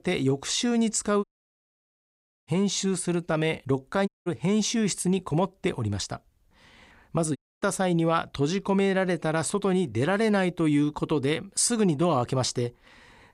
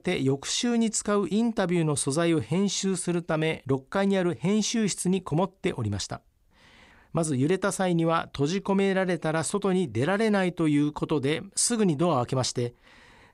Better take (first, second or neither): second